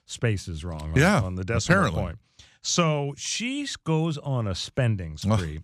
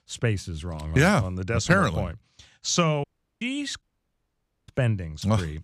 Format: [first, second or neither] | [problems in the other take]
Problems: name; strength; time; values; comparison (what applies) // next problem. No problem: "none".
first | audio cutting out; at 3 s and at 4 s for 1 s